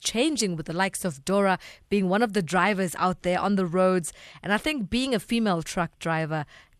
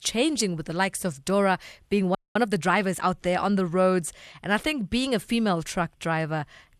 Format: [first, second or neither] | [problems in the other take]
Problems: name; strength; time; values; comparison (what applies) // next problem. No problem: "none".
first | audio freezing; at 2 s